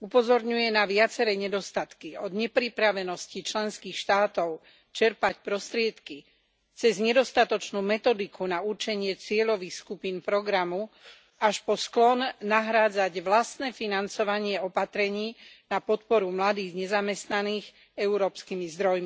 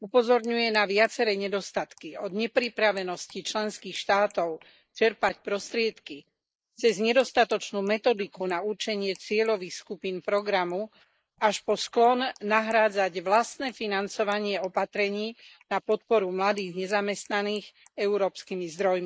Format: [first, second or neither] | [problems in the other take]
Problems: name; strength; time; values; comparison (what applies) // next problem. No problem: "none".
first | noise reduction (neural mask model Resemble Enhance denoiser)